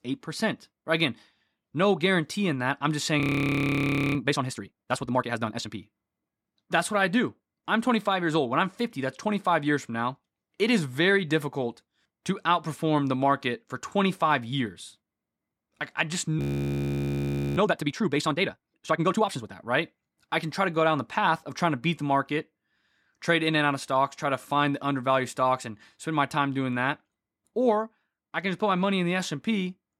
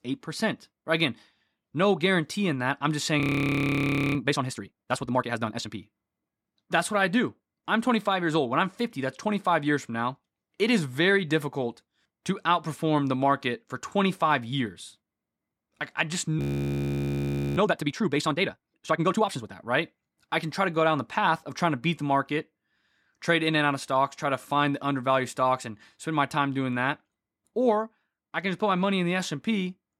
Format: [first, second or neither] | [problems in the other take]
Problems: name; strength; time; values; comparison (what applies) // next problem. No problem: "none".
neither | audio freezing; at 3 s for 1 s and at 16 s for 1 s; the same in both